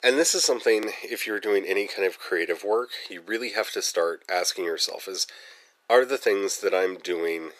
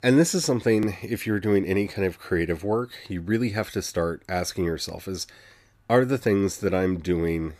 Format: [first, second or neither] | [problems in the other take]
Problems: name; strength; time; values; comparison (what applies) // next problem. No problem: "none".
second | thin; very; fading below 450 Hz